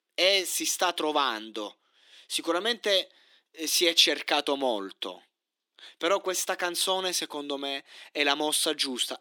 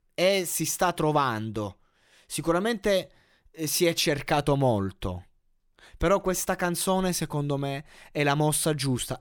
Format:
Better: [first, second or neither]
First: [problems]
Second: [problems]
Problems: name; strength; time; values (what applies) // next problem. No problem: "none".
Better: second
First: thin; somewhat; fading below 250 Hz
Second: none